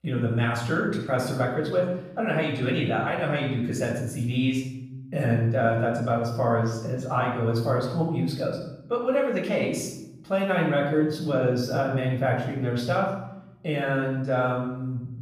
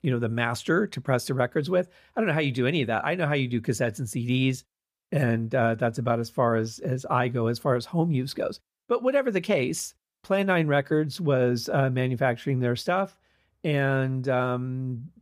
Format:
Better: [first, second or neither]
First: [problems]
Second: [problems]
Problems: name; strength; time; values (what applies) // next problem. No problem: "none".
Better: second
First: off-mic speech; far // room echo; noticeable; dies away in 0.7 s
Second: none